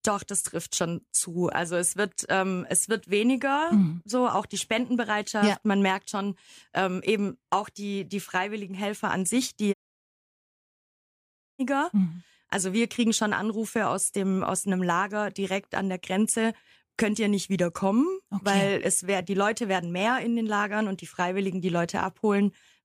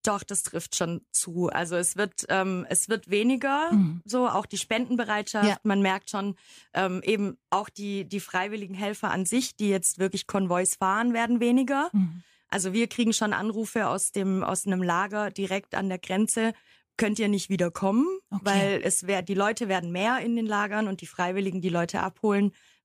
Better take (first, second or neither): second